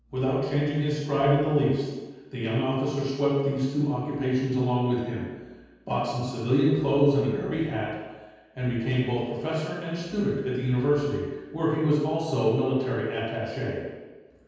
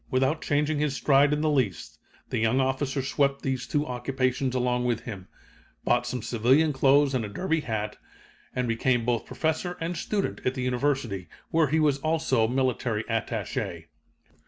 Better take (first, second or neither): second